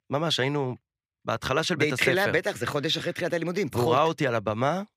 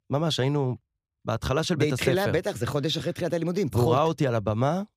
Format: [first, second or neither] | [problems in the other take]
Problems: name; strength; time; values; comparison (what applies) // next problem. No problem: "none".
second | thin; very slightly; fading below 400 Hz